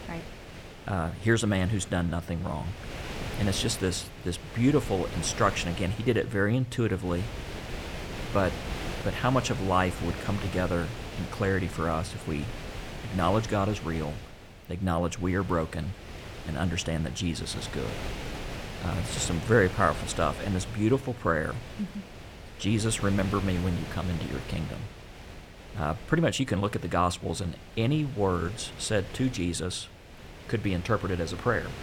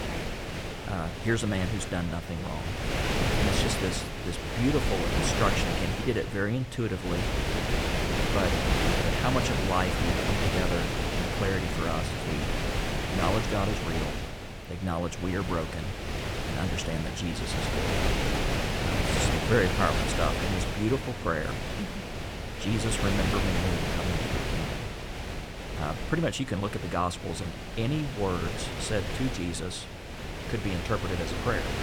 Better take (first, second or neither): first